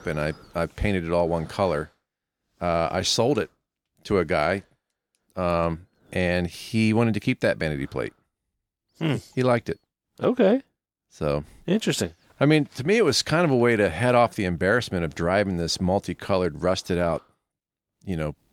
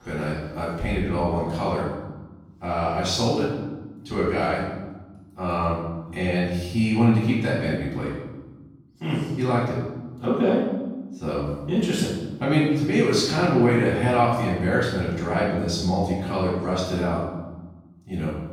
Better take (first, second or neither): first